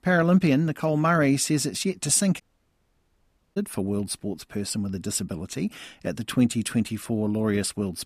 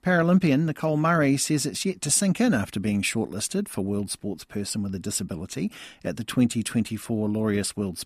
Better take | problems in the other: second | audio cutting out; at 2.5 s for 1 s

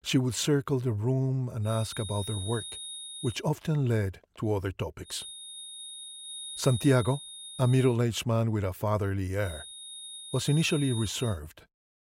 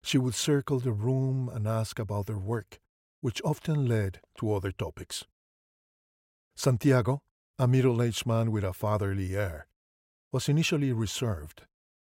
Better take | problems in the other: second | high-pitched whine; noticeable; from 1.5 to 3.5 s, from 5 to 8 s and from 9.5 to 11 s; 3.5 kHz, 10 dB below the speech

